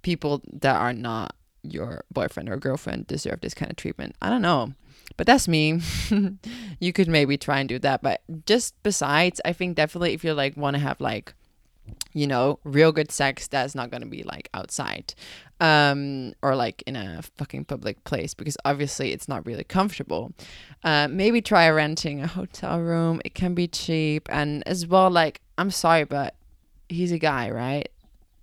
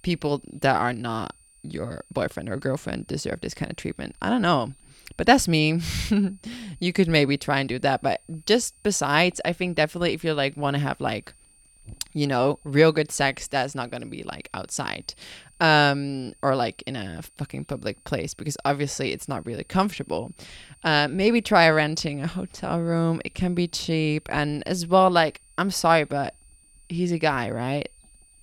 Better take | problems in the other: first | high-pitched whine; faint; throughout; 9 kHz, 30 dB below the speech

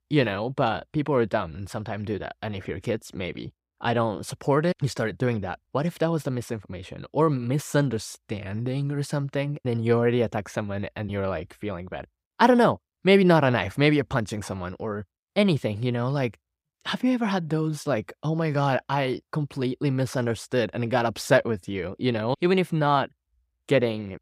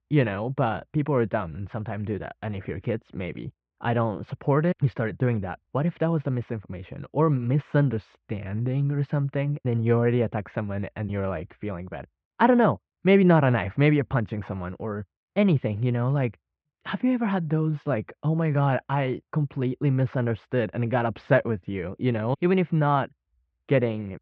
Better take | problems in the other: first | muffled; very; fading above 2.5 kHz

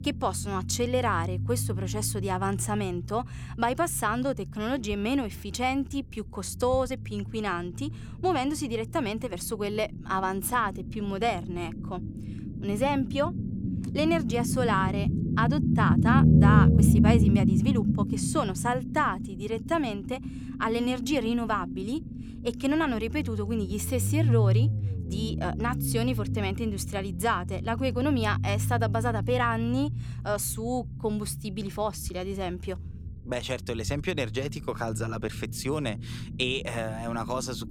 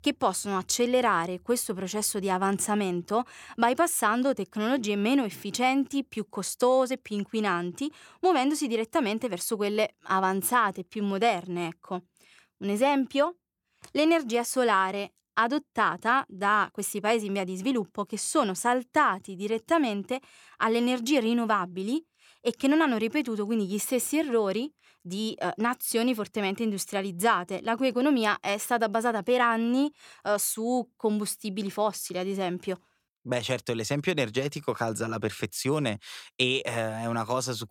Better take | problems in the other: second | low rumble; loud; throughout; 7 dB below the speech

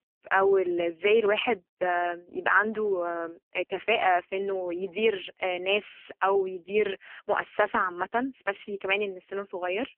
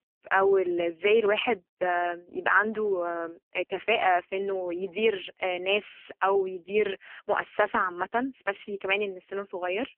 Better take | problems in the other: neither | phone-call audio; poor line; nothing above 3 kHz; the same in both

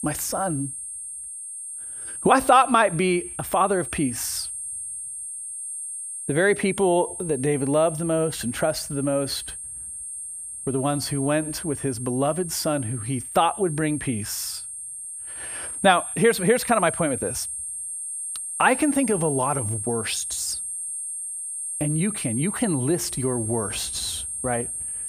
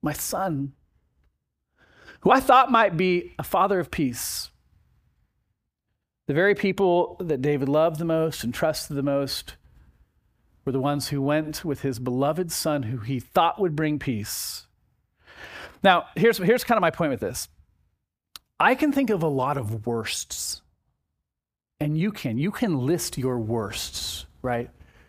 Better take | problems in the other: second | high-pitched whine; loud; throughout; 8.5 kHz, 6 dB below the speech

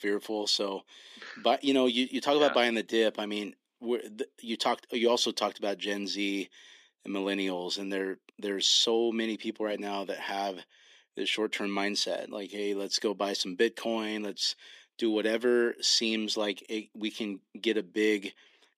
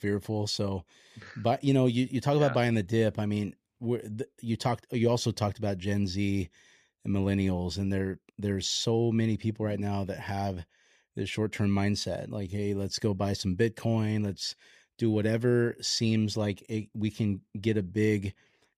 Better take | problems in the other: second | thin; somewhat; fading below 250 Hz

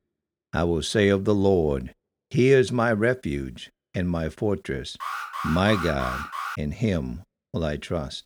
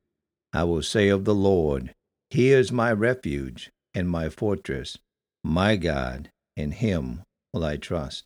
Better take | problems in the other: second | alarm; noticeable; from 5 to 6.5 s; peak 7 dB below the speech

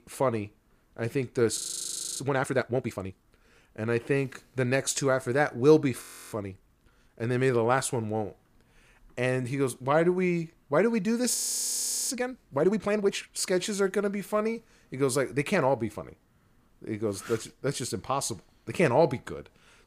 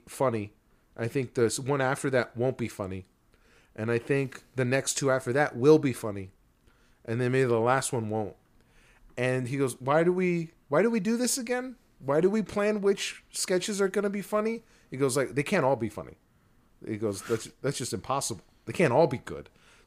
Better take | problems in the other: second | audio freezing; at 1.5 s for 0.5 s, at 6 s and at 11 s for 1 s

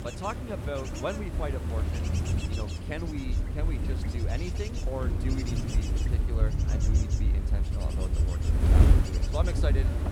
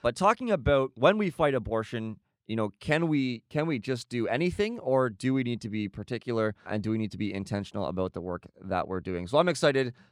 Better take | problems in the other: second | wind noise on the microphone; heavy; 1 dB below the speech

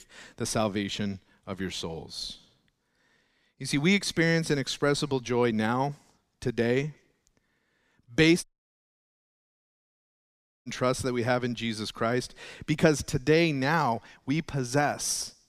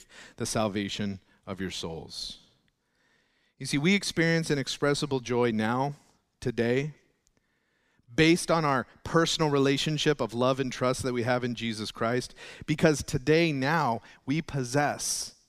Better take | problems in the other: second | audio cutting out; at 8.5 s for 2 s

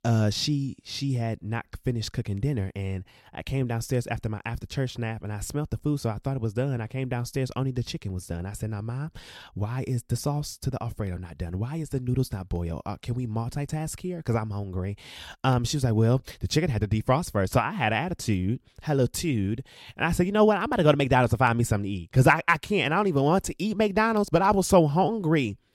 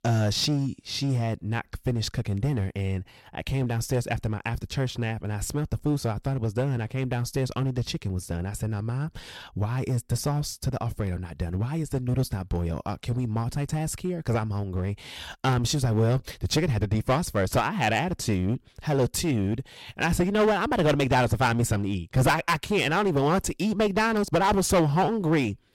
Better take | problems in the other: first | distortion; heavy; 8% of the sound clipped

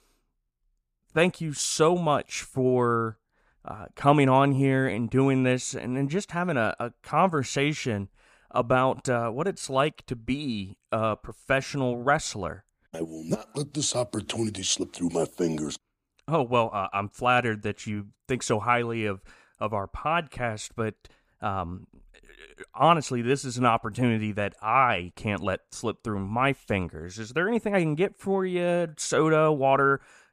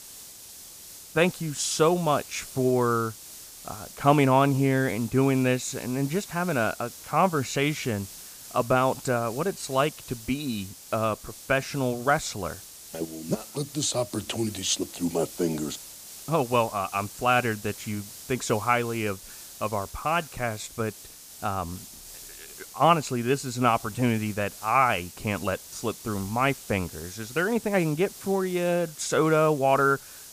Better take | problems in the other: first | hiss; noticeable; throughout; 15 dB below the speech

